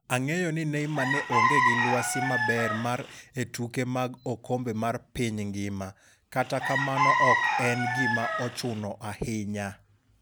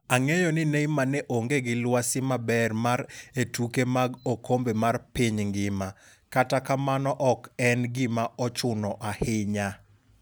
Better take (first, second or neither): second